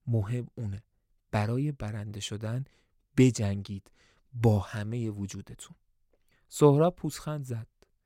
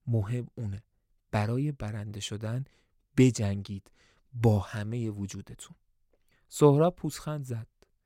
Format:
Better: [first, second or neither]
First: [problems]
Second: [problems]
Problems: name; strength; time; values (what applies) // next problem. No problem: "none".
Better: neither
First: none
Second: none